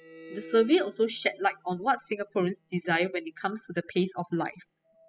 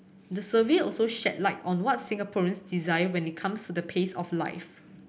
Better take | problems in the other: second | noise reduction (classical method spectral subtraction)

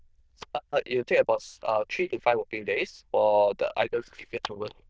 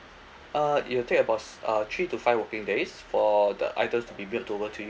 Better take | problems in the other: second | noise reduction (neural diffusion model UNIVERSE++)

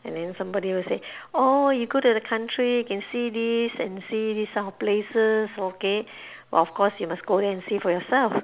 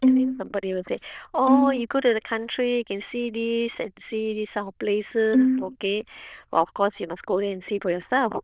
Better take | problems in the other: first | noise reduction (neural diffusion model UNIVERSE++)

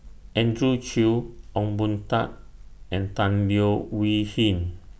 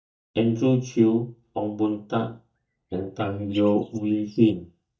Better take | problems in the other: first | noise reduction (neural mask model DeepFilterNet 3)

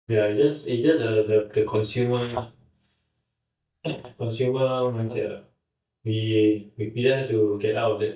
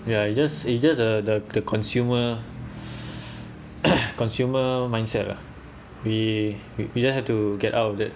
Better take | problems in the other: second | noise reduction (neural mask model DeepFilterNet 3)

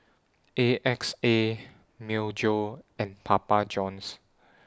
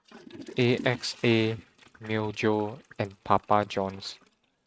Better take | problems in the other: first | noise reduction (neural mask model RNNoise)

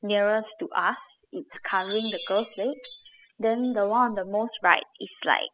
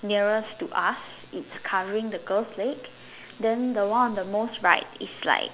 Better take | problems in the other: second | noise reduction (classical method spectral subtraction)

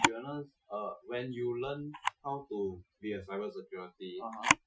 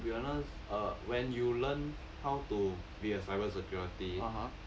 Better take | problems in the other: second | noise reduction (classical method Wiener filter)

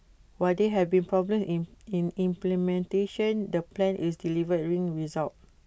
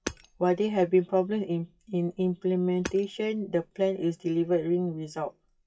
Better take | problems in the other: first | noise reduction (classical method WPE with log-MMSE)

